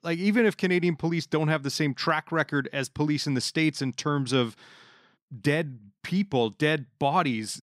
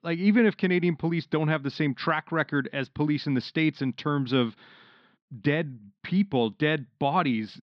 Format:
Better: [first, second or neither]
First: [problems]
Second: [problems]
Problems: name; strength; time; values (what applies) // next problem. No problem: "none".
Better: first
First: none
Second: muffled; slightly; fading above 4 kHz